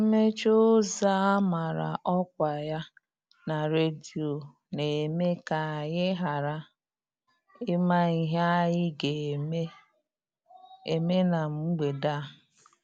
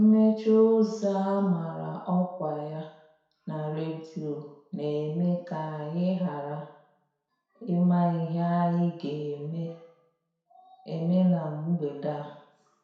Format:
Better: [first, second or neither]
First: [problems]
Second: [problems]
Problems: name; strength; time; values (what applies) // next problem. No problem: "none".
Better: first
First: none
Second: room echo; dies away in 0.7 s